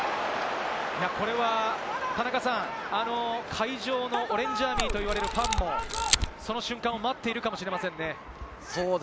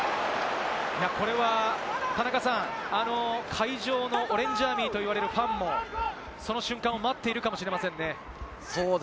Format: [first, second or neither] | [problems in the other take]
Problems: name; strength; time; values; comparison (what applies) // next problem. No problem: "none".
second | background sound (Camera); 1 dB below the speech